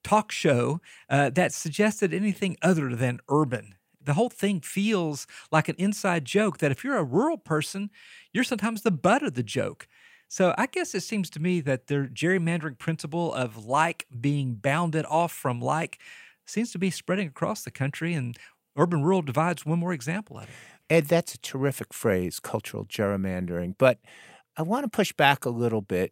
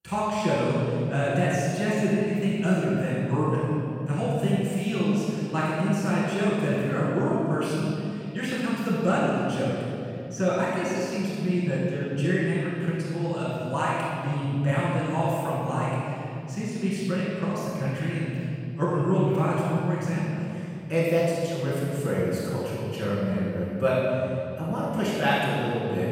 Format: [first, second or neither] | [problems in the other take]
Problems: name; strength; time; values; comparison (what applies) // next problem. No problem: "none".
first | off-mic speech; far // room echo; strong; dies away in 3 s